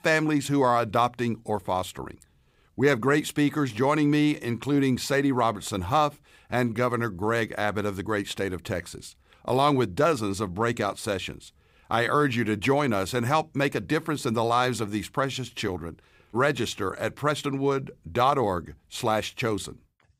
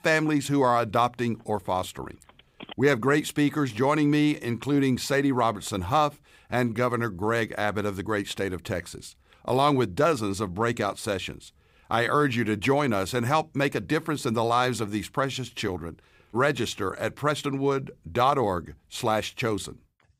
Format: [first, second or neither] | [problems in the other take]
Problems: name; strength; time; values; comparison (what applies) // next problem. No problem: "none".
first | phone ringing; faint; from 1.5 to 2.5 s; peak 20 dB below the speech